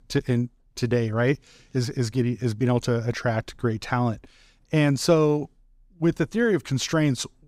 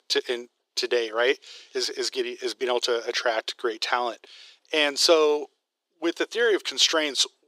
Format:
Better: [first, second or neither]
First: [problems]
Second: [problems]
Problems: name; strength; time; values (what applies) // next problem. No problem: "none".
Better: first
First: none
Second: thin; very; fading below 350 Hz